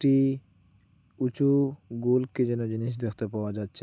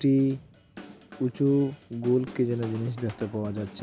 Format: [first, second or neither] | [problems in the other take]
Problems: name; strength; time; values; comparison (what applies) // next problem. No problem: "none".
first | background sound (Drum / Drum kit); 18 dB below the speech